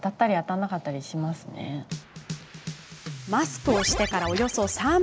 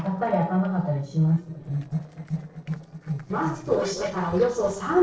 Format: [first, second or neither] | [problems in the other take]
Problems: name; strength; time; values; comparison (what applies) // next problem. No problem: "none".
first | noise reduction (neural separator model SepFormer DNS4)